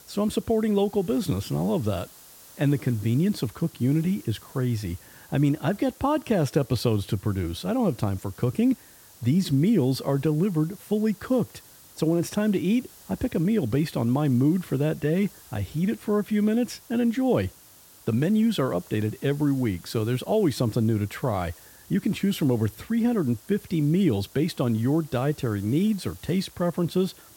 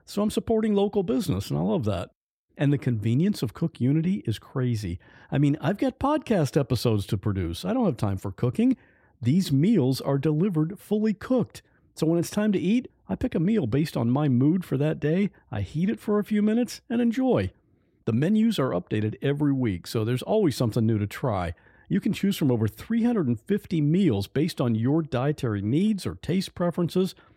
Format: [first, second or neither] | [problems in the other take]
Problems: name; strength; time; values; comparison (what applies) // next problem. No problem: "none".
second | hiss; faint; throughout; 20 dB below the speech